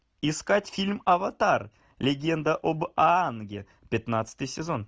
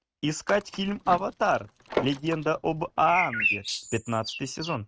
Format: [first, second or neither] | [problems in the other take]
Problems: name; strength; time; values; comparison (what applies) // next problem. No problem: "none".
first | noise reduction (neural mask model RNNoise)